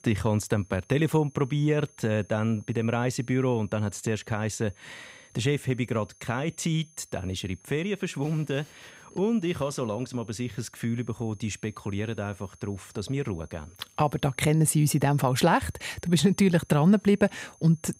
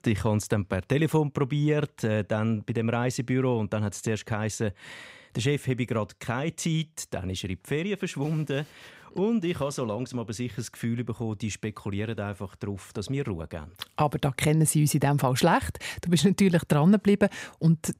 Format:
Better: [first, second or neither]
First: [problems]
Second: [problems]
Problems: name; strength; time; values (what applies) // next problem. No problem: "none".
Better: second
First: high-pitched whine; faint; throughout; 6.5 kHz, 30 dB below the speech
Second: none